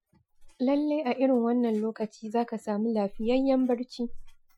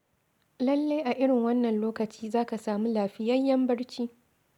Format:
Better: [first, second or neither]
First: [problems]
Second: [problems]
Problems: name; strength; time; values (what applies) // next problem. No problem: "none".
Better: second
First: noise reduction (classical method Wiener filter)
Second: none